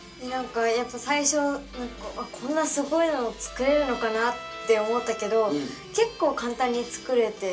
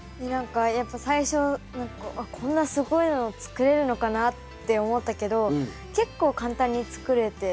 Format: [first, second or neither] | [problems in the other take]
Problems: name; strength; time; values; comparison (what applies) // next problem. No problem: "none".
second | background sound (Trumpet); 15 dB below the speech // room echo; dies away in 0.2 s